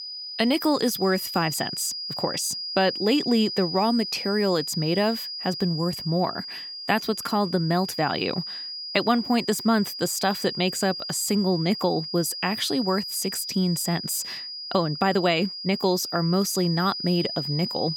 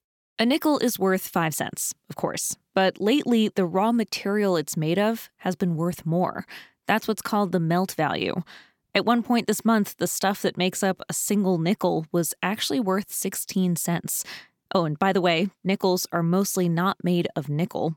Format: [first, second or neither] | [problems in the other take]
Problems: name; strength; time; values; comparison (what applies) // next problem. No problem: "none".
second | high-pitched whine; loud; throughout; 5 kHz, 6 dB below the speech